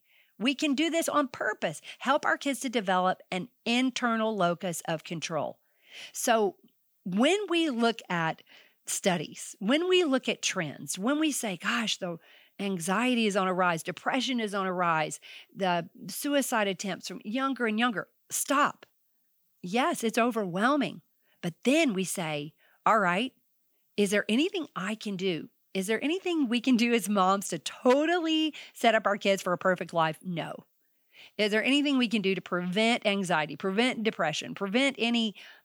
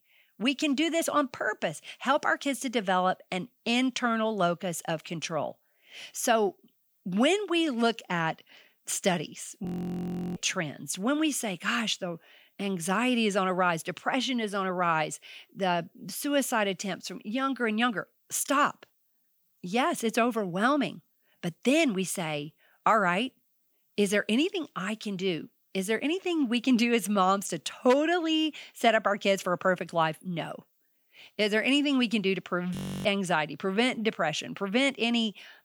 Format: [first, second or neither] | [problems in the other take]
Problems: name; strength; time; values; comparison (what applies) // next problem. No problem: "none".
first | audio freezing; at 9.5 s for 0.5 s and at 33 s